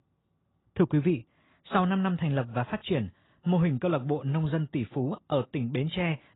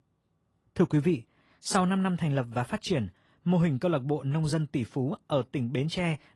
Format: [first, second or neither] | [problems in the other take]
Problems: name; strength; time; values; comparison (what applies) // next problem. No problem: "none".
second | garbled, watery; badly; nothing above 4 kHz; slightly in the second